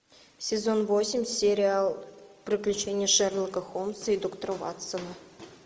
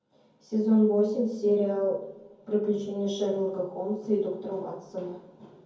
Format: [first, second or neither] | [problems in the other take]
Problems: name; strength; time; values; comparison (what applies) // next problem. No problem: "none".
first | room echo; dies away in 0.6 s